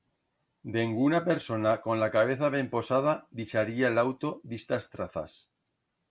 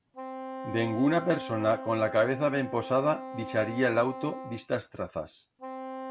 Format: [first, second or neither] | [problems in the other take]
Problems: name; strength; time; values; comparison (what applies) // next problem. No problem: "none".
first | background sound (Wind instrument, woodwind instrument); 10 dB below the speech